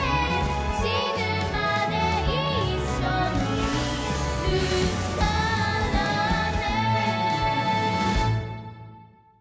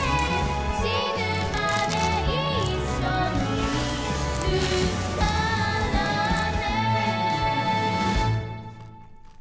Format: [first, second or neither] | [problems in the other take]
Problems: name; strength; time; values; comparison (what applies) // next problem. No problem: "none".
first | background sound (Chewing, mastication); 18 dB below the speech